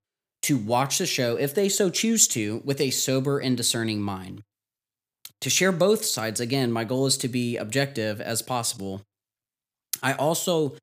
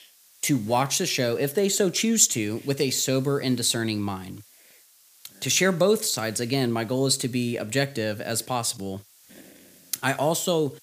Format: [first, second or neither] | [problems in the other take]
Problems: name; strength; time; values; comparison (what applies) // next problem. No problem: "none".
first | hiss; faint; throughout; 25 dB below the speech